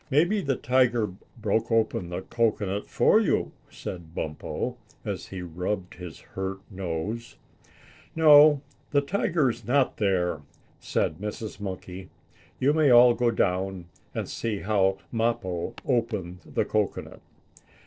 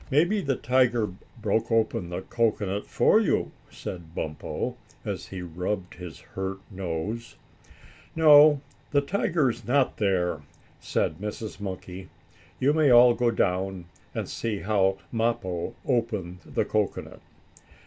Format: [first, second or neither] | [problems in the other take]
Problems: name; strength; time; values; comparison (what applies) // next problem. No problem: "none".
second | noise reduction (neural separator model SepFormer DNS4)